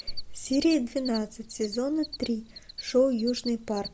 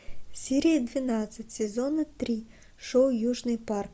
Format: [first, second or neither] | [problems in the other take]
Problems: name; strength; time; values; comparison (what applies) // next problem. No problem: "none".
second | background sound (Cricket); 15 dB below the speech